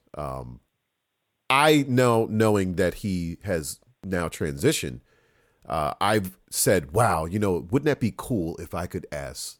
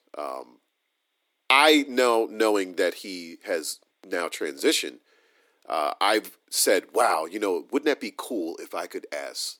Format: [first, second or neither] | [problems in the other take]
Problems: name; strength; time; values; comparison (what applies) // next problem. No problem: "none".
first | thin; somewhat; fading below 300 Hz